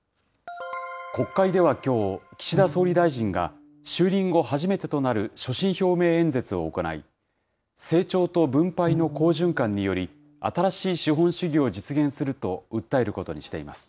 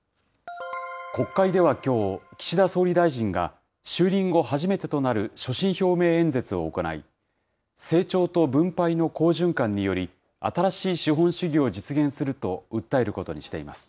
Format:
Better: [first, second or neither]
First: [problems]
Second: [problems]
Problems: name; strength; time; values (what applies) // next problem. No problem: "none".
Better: second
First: background sound (Bowed string instrument); 13 dB below the speech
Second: none